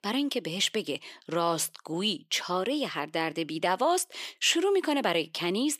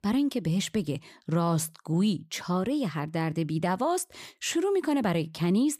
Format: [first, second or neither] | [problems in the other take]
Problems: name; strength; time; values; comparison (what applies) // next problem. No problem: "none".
second | thin; somewhat; fading below 400 Hz